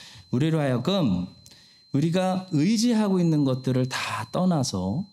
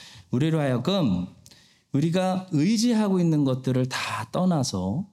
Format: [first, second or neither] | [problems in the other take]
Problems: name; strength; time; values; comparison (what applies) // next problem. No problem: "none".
second | high-pitched whine; faint; throughout; 4 kHz, 25 dB below the speech